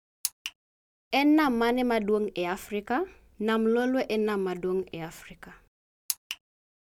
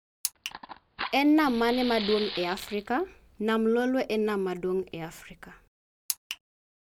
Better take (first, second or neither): first